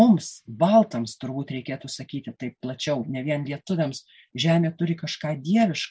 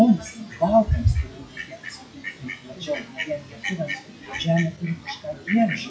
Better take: first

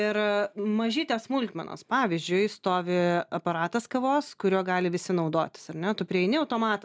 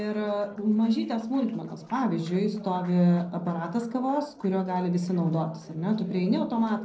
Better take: first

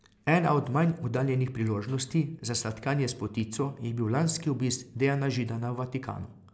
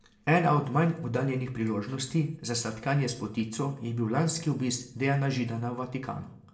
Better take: first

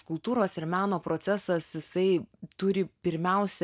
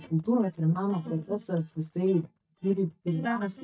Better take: first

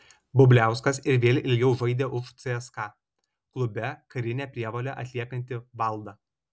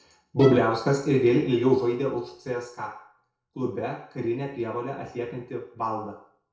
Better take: first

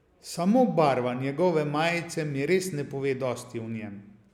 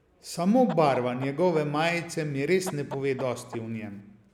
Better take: first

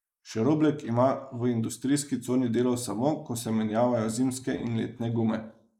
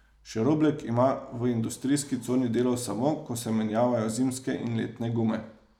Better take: second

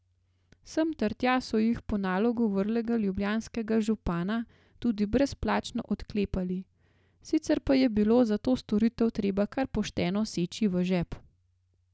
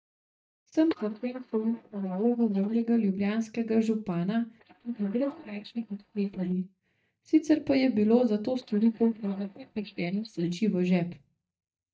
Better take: first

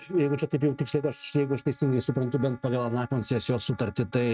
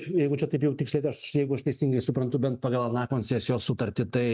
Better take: second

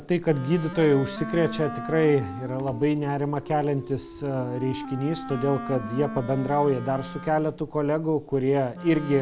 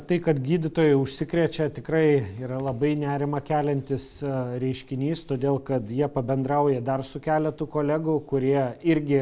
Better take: second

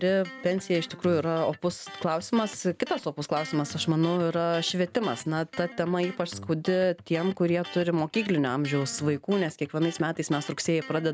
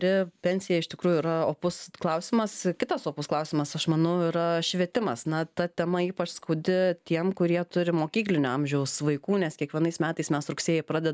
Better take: second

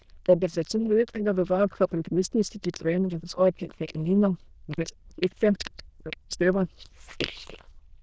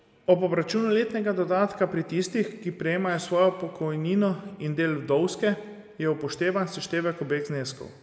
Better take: second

